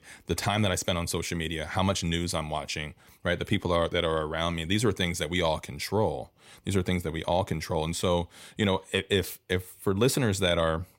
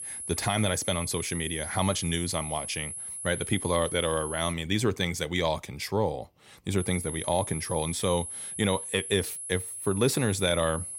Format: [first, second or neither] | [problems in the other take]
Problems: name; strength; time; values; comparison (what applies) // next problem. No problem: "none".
first | high-pitched whine; loud; until 4.5 s and from 7 s on; 10.5 kHz, 6 dB below the speech